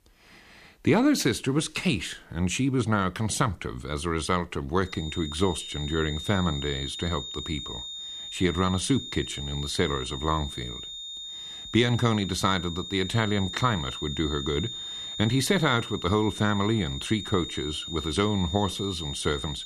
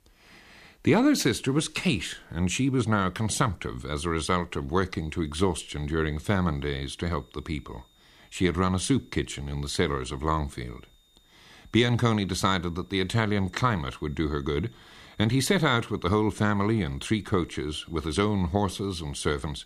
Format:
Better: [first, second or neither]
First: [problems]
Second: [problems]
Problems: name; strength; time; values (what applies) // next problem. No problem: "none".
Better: second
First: high-pitched whine; loud; from 5 s on; 3.5 kHz, 8 dB below the speech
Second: high-pitched whine; faint; from 5 s on; 3.5 kHz, 35 dB below the speech